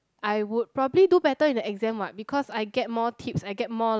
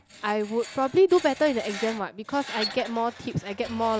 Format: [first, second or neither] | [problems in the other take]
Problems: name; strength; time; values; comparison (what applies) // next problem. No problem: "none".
first | background sound (Screech); 14 dB below the speech